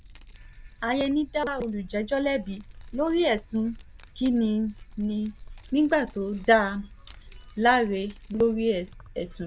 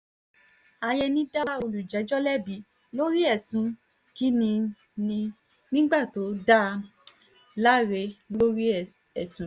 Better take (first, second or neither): second